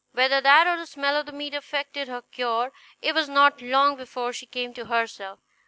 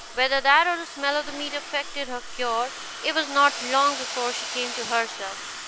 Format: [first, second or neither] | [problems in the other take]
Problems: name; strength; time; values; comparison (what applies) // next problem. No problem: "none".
first | background sound (Domestic sounds, home sounds); 9 dB below the speech